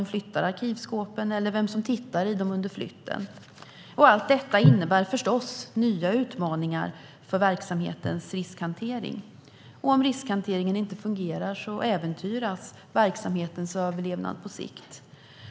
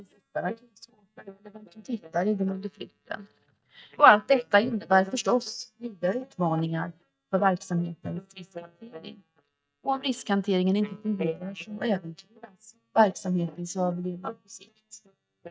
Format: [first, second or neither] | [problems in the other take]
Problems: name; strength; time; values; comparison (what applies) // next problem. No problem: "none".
first | noise reduction (neural mask model DeepFilterNet 3)